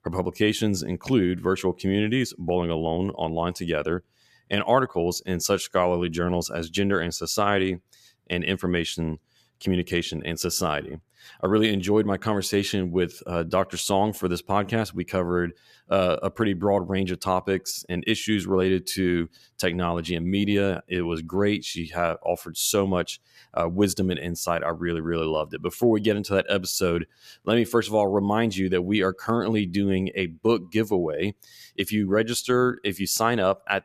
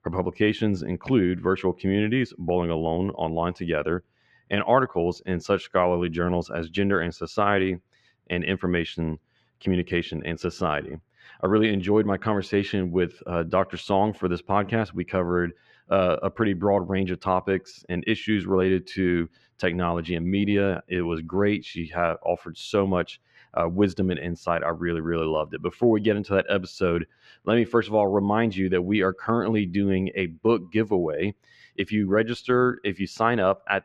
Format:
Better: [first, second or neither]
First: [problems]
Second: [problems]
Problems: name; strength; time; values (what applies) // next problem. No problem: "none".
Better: first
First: none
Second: muffled; slightly; fading above 2 kHz